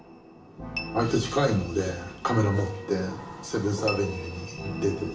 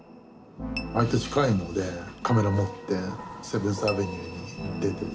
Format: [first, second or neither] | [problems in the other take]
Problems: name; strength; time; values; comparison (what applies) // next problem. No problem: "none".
second | room echo; dies away in 0.6 s